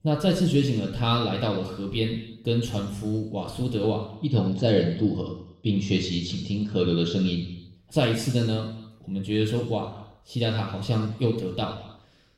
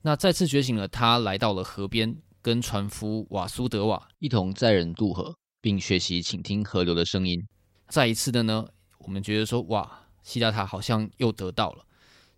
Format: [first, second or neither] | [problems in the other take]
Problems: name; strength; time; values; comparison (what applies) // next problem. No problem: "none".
second | room echo; noticeable; dies away in 0.8 s // off-mic speech; somewhat distant